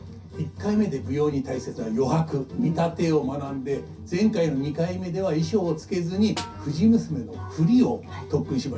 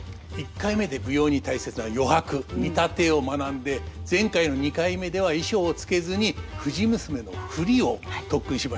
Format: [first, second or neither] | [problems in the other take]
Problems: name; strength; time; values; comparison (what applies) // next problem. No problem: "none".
second | background sound (Snare drum); 15 dB below the speech // room echo; dies away in 0.3 s